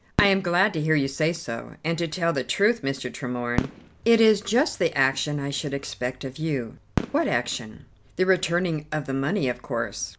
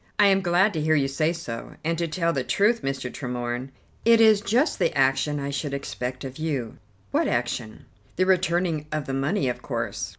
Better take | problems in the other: second | background sound (Fireworks); 13 dB below the speech

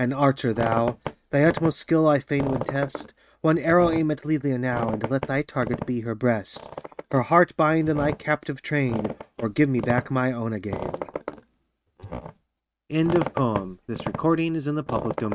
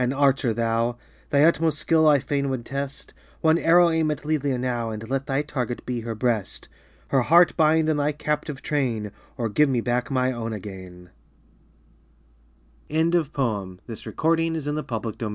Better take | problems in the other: second | noise reduction (neural mask model RNNoise)

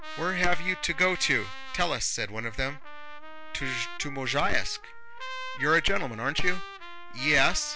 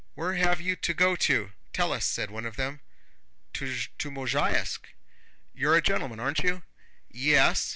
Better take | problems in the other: second | background sound (Trumpet); 15 dB below the speech

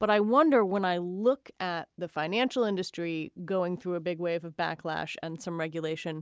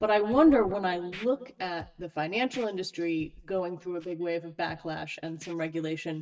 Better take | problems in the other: first | noise reduction (neural mask model DeepFilterNet 3)

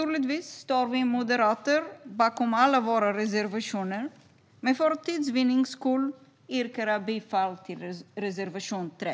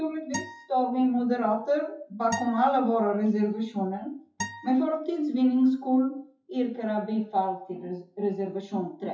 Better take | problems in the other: first | noise reduction (classical method WPE with log-MMSE)

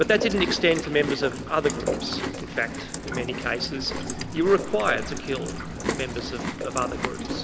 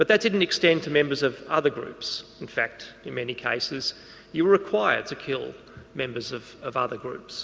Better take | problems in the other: second | background sound (Chewing, mastication + Rain); 4 dB below the speech

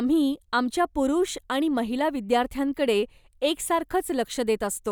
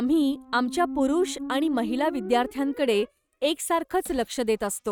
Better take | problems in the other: first | noise reduction (neural mask model RNNoise)

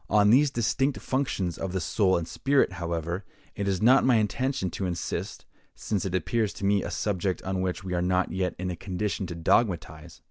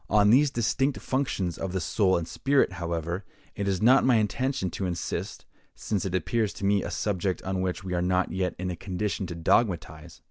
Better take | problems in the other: first | background sound (Bass drum); 12 dB below the speech

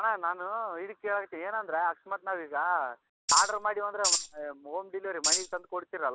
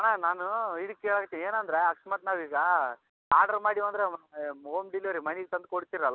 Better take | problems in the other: second | background sound (Tambourine); 3 dB above the speech

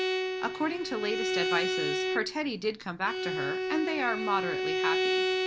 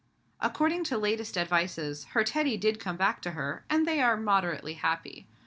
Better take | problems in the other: second | background sound (Bowed string instrument); 2 dB above the speech

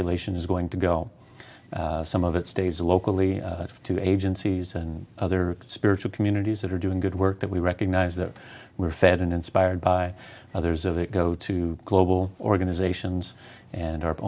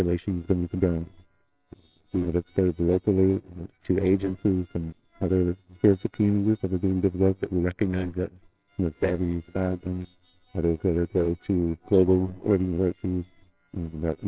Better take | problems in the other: first | noise reduction (neural separator model SepFormer WHAMR!)

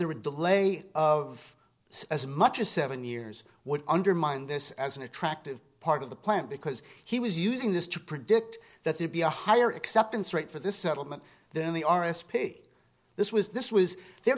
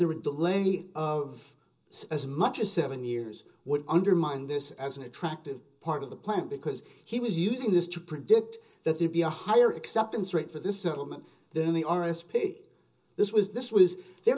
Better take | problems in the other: first | room echo; dies away in 0.2 s

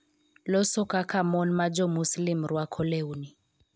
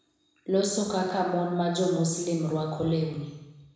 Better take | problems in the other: first | room echo; dies away in 1 s

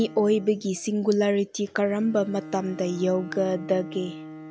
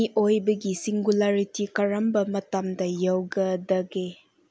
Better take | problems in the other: second | background sound (Bowed string instrument); 16 dB below the speech

